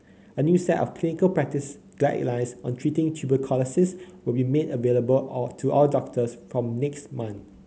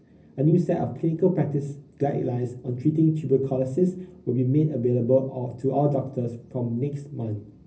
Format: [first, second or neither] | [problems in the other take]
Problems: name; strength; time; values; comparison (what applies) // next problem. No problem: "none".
first | room echo; dies away in 0.4 s